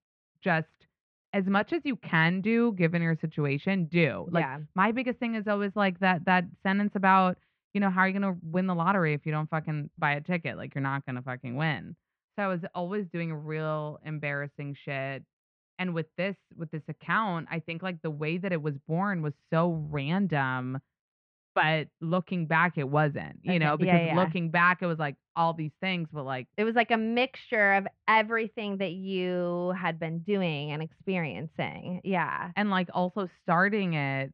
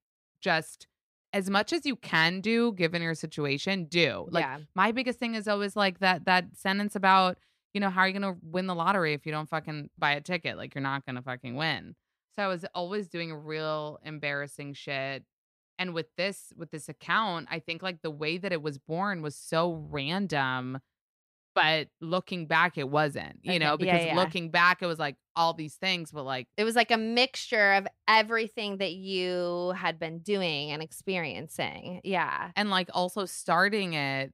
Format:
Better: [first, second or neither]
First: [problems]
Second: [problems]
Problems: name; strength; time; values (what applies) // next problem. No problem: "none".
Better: second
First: muffled; very; fading above 2.5 kHz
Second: none